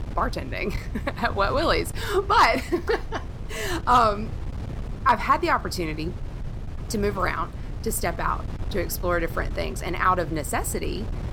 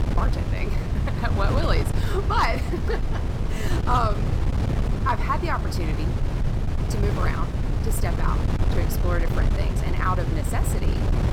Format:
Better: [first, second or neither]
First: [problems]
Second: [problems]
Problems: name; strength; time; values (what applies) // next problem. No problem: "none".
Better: first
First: wind noise on the microphone; occasional gusts; 20 dB below the speech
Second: wind noise on the microphone; heavy; 6 dB below the speech